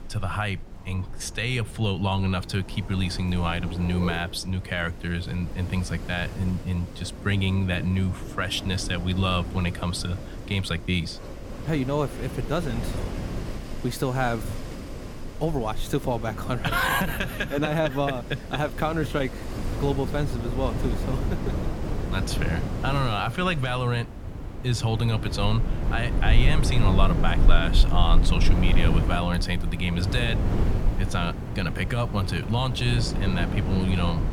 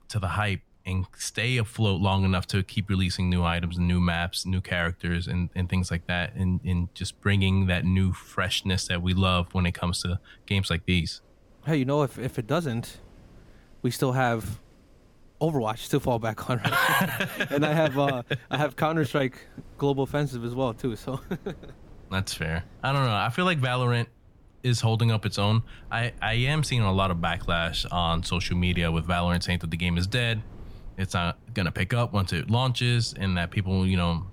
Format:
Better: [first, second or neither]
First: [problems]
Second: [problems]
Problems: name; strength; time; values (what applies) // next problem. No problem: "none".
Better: second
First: wind in the background; loud; throughout; 3 dB below the speech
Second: wind in the background; faint; throughout; 25 dB below the speech